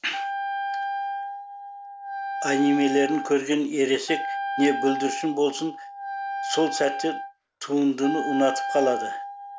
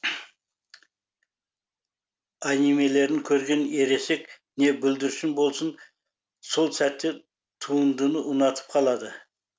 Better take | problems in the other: second | background sound (Wind instrument, woodwind instrument); 5 dB below the speech

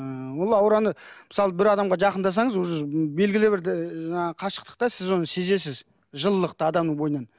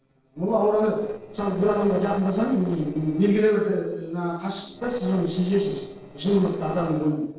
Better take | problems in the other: first | noise reduction (neural separator model SepFormer DNS4)

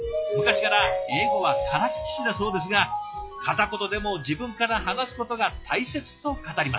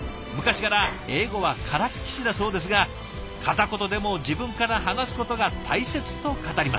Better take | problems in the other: second | noise reduction (classical method log-MMSE)

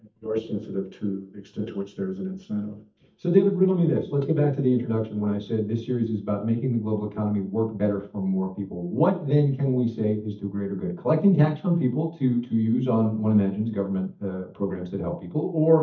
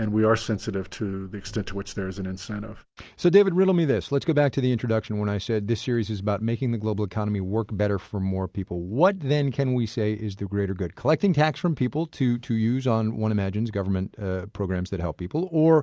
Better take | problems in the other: second | noise reduction (neural mask model DeepFilterNet 3)

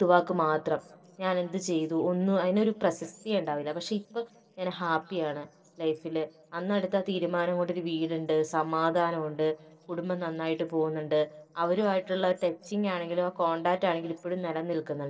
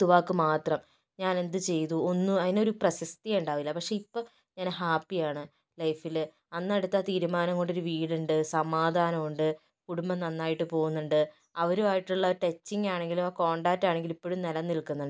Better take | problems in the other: second | noise reduction (neural separator model SepFormer DNS4)

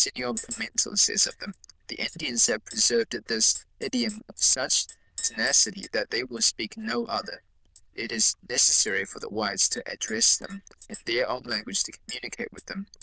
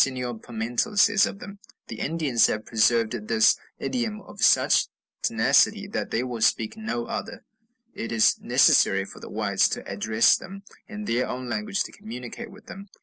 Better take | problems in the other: second | noise reduction (neural diffusion model UNIVERSE++)

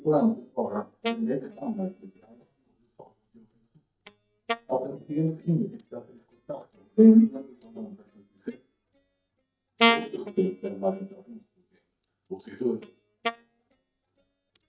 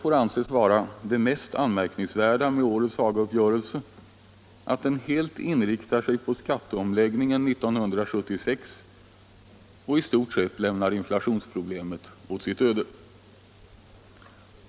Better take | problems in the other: second | noise reduction (neural mask model DeepFilterNet 3)

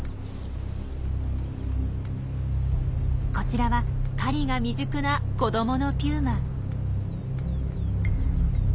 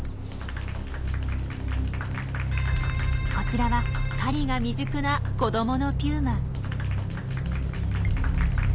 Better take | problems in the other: first | background sound (Keyboard (musical) + Applause); 16 dB below the speech

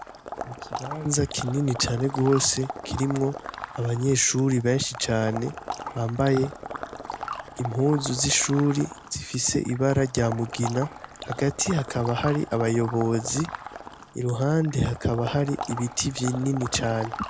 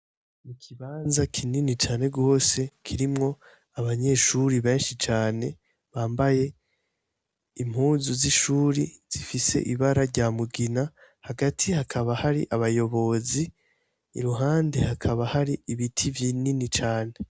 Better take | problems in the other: second | background sound (Water / Liquid); 11 dB below the speech

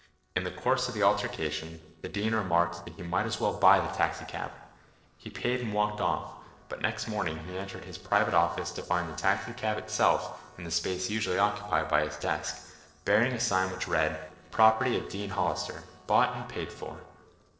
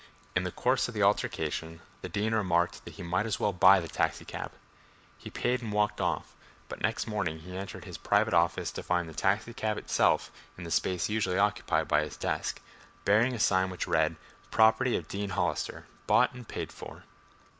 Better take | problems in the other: second | noise reduction (neural separator model SepFormer DNS4)

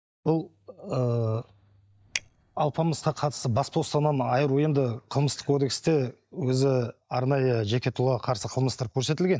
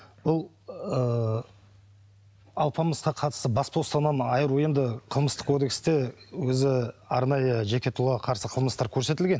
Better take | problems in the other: second | noise reduction (neural mask model DeepFilterNet 3)

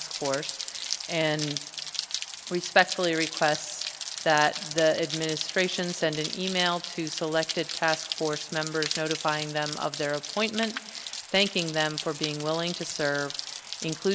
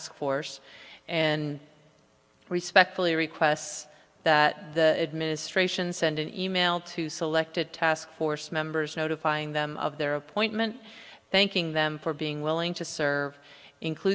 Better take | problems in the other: second | background sound (Rain); 7 dB below the speech

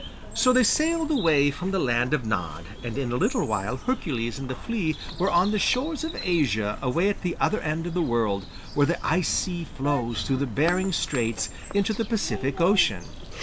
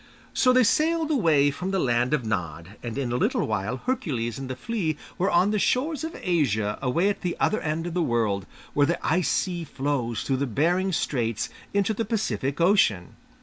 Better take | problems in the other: second | background sound (Bird vocalization, bird call, bird song); 11 dB below the speech

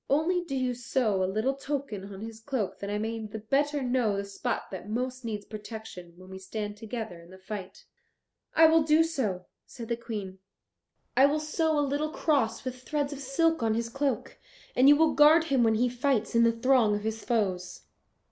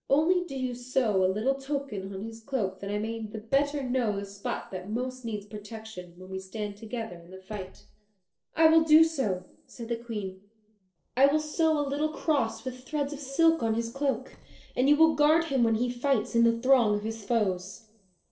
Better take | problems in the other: first | noise reduction (neural separator model SepFormer DNS4)

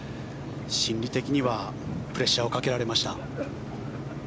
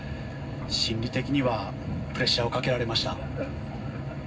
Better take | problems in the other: first | background sound (Organ); 19 dB below the speech // room echo; dies away in 0.4 s

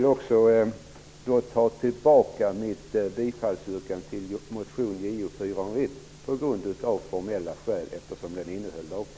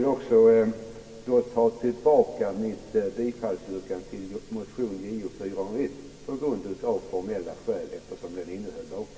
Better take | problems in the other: first | room echo; dies away in 1.7 s

